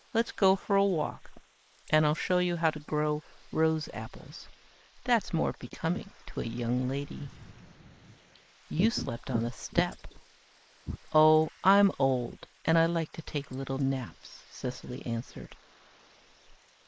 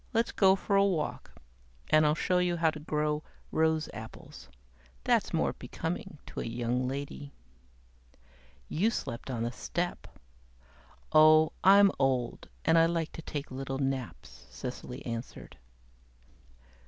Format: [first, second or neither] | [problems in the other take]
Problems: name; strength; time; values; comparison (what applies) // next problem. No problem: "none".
second | noise reduction (neural mask model Resemble Enhance denoiser)